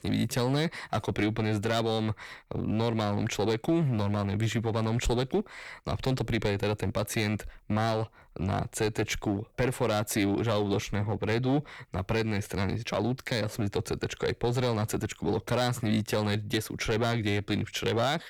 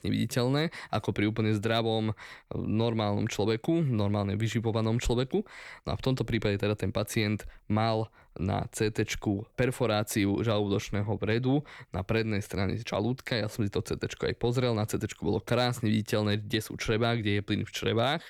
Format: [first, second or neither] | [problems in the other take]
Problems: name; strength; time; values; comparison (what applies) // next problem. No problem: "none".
second | distortion; slight; 8% of the sound clipped